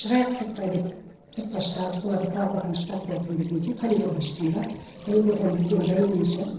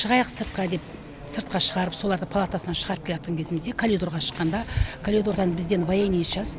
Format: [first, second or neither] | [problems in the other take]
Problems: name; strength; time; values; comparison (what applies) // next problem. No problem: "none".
second | noise reduction (neural separator model SepFormer DNS4)